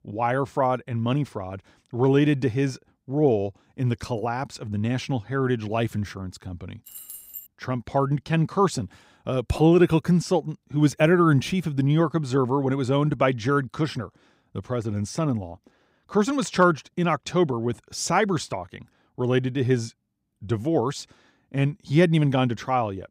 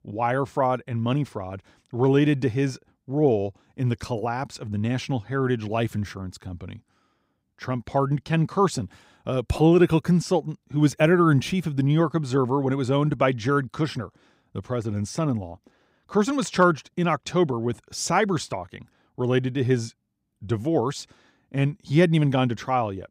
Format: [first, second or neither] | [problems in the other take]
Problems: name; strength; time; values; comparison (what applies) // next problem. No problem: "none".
second | jangling keys; faint; at 7 s; peak 15 dB below the speech